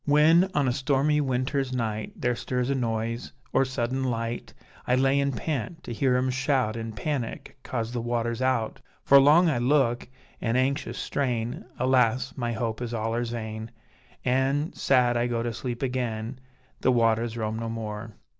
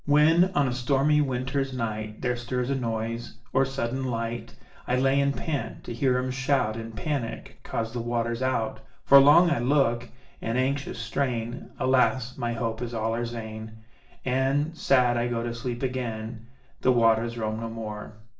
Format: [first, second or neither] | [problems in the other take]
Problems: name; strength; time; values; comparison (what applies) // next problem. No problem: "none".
first | room echo; dies away in 0.4 s